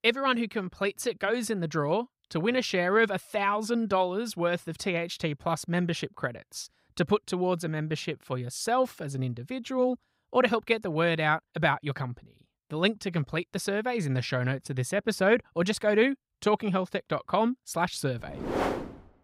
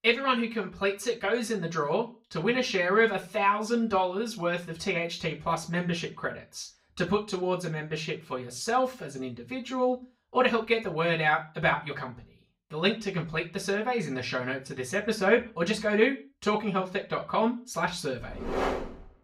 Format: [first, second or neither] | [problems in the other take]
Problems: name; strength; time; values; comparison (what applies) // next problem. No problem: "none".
first | room echo; very slight; dies away in 0.3 s // off-mic speech; far